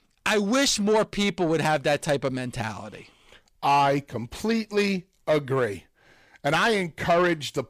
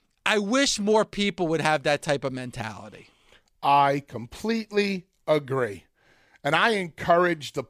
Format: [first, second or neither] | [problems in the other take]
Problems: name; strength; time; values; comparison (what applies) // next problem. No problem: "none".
second | distortion; slight; 10 dB below the speech